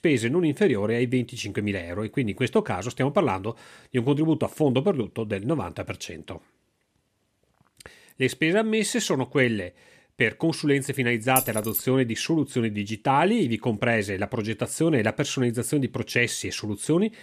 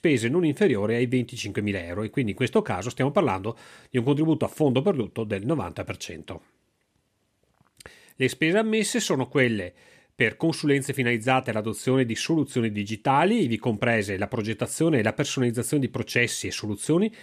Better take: second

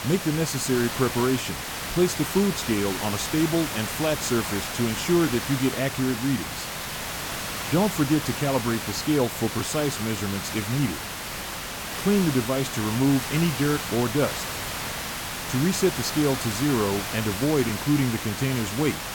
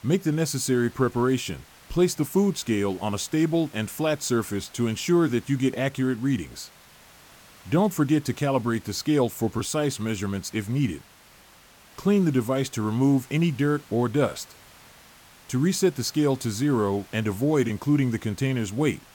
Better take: second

